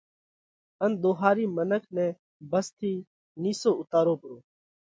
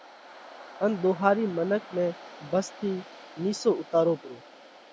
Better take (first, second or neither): first